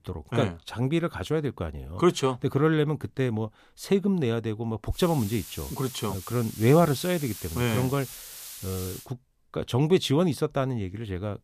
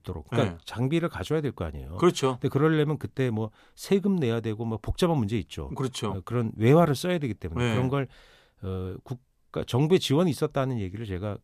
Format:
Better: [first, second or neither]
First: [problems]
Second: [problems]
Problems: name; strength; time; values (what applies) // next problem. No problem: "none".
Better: second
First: hiss; noticeable; from 5 to 9 s; 15 dB below the speech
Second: none